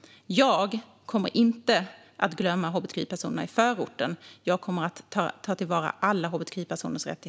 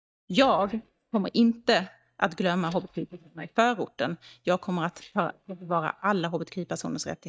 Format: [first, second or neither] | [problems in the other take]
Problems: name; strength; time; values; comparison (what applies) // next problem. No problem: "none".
first | noise reduction (neural mask model DeepFilterNet 3)